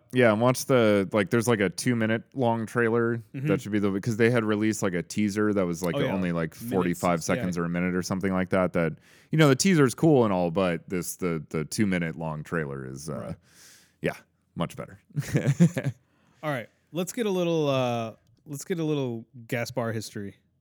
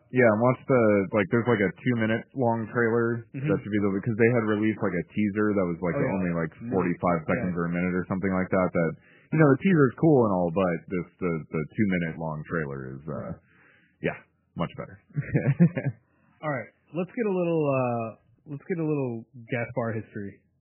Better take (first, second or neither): first